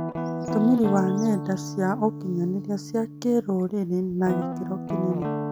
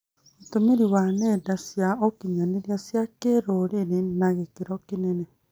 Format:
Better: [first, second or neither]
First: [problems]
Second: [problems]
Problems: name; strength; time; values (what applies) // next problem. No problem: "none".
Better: second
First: background sound (Guitar); 6 dB below the speech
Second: none